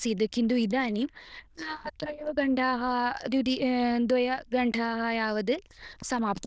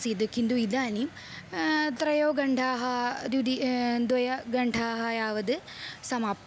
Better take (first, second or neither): second